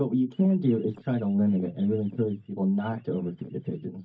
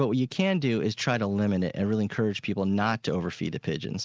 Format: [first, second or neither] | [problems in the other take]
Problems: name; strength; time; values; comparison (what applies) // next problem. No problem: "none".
second | noise reduction (neural mask model DeepFilterNet 3)